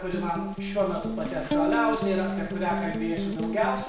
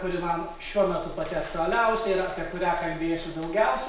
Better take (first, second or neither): second